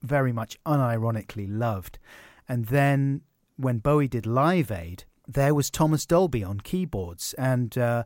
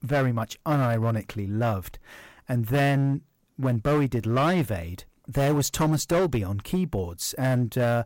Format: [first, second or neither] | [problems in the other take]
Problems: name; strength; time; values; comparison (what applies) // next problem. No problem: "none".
first | distortion; slight; 10% of the sound clipped